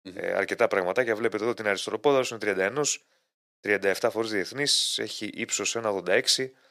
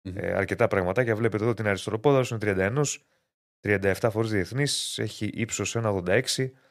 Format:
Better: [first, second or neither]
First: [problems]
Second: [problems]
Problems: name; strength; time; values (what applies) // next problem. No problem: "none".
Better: second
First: thin; somewhat; fading below 300 Hz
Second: none